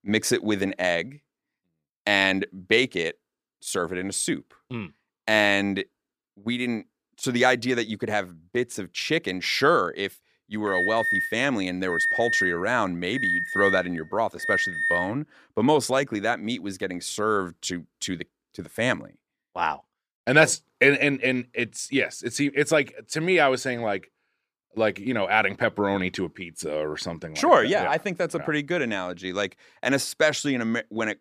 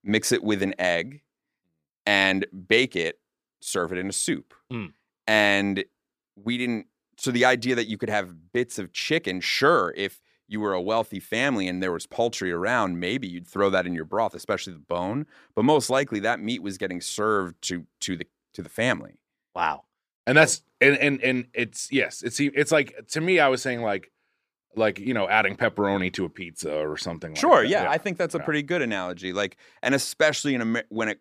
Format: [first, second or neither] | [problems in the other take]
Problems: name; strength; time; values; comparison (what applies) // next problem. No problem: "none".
second | alarm; loud; from 11 to 15 s; peak 3 dB above the speech